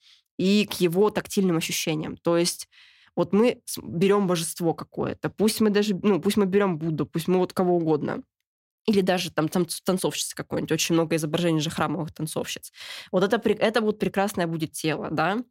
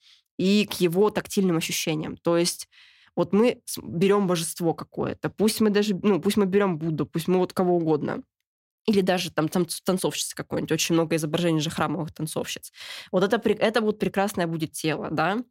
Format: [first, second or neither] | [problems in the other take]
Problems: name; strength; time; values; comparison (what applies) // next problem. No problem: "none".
neither | none